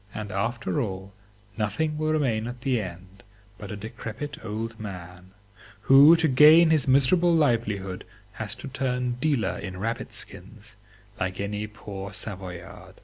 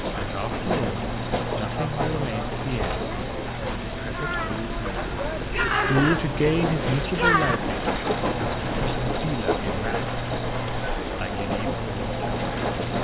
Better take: first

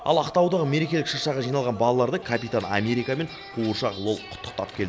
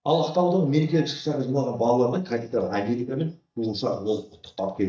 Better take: first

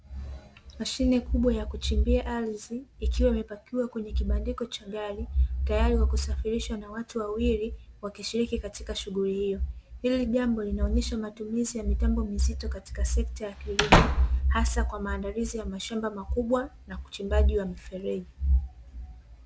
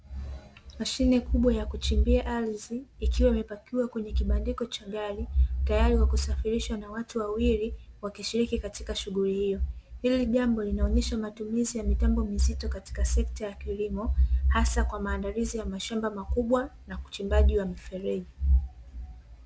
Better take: second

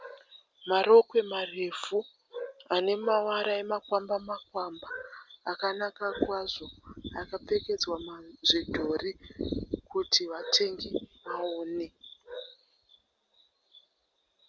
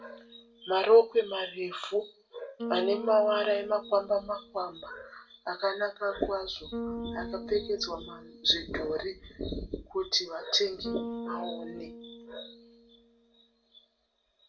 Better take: first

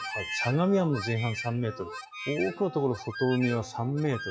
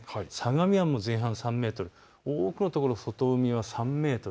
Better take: second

